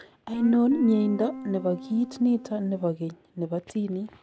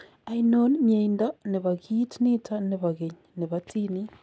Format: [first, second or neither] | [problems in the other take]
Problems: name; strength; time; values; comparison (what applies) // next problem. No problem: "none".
second | background sound (Guitar); 12 dB below the speech